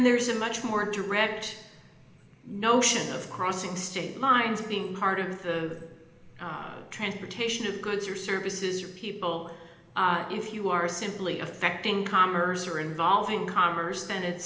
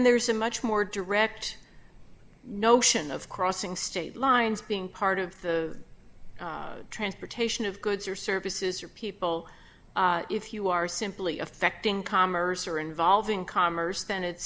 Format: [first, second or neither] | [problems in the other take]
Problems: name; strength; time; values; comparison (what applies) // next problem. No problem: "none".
second | room echo; dies away in 0.9 s